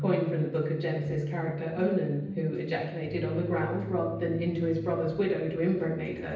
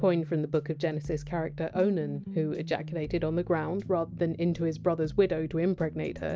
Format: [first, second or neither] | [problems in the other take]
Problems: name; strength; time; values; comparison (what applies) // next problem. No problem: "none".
second | room echo; dies away in 0.9 s